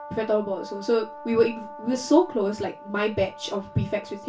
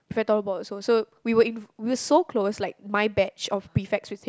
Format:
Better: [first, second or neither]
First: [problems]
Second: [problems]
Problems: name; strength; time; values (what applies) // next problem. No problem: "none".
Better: second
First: background sound (Brass instrument); 16 dB below the speech // room echo; dies away in 0.2 s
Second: none